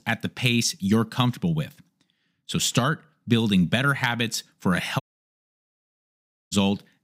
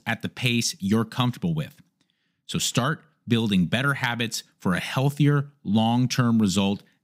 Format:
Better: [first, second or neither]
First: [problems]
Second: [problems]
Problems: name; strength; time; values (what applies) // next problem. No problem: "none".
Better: second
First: audio cutting out; at 5 s for 1.5 s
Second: none